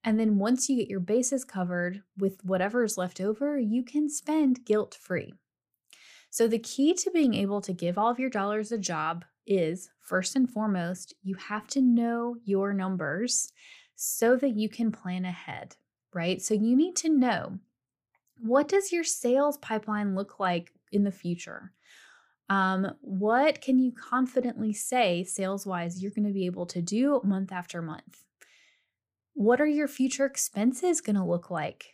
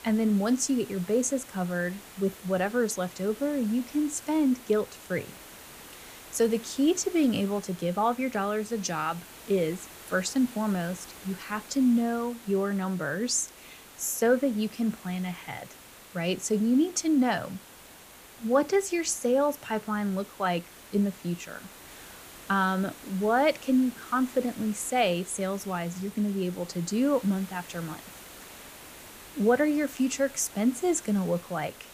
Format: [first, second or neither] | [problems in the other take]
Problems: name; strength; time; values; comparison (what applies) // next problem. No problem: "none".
first | hiss; noticeable; throughout; 20 dB below the speech